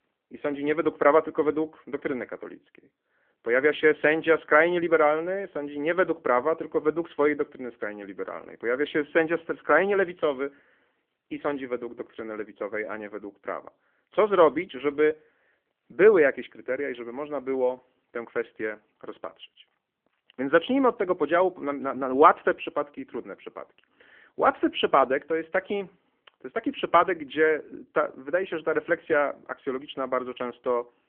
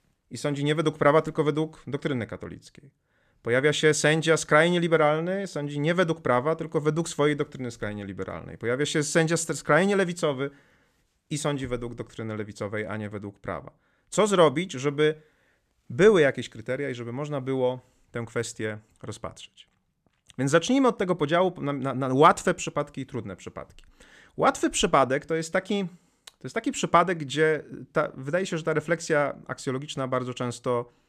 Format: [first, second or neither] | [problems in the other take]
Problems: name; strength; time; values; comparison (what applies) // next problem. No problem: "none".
second | phone-call audio; nothing above 3.5 kHz